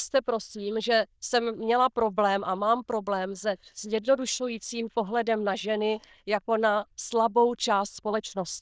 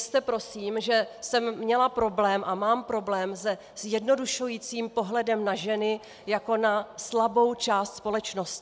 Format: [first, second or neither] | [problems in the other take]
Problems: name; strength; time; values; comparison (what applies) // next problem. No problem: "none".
second | noise reduction (neural diffusion model UNIVERSE++)